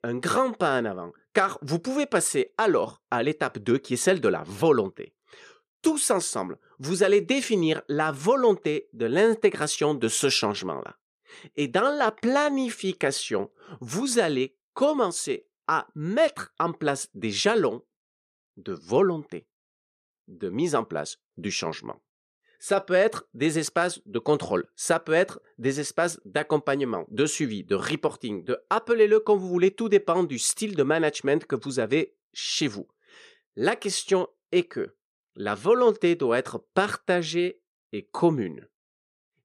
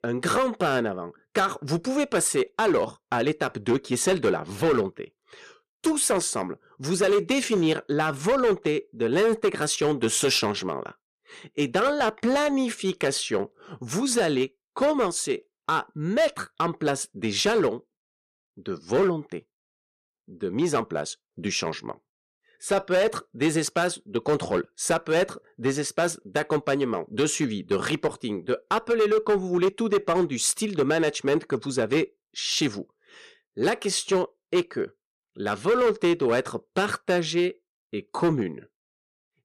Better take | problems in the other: first | distortion; slight; 6% of the sound clipped

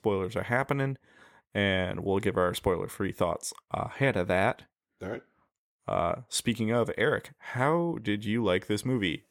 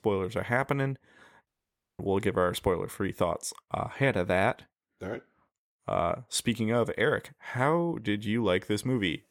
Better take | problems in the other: first | audio cutting out; at 1.5 s for 0.5 s

